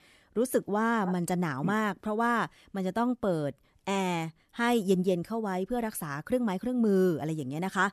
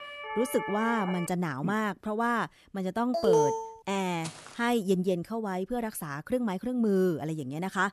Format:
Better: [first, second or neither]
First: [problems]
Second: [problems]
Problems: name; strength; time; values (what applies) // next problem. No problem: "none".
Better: first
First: none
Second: siren; noticeable; until 1.5 s; peak 6 dB below the speech // alarm; loud; at 3 s; peak 6 dB above the speech // footsteps; faint; at 4 s; peak 15 dB below the speech